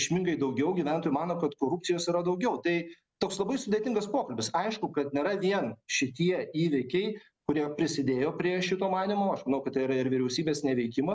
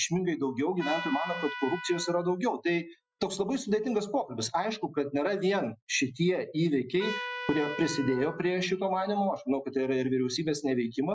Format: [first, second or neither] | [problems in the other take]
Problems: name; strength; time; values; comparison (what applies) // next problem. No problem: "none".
first | noise reduction (classical method Wiener filter)